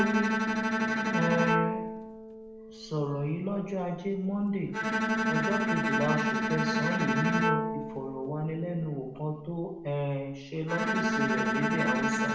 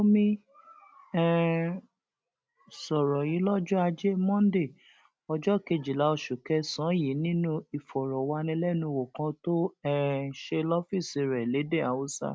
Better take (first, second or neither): second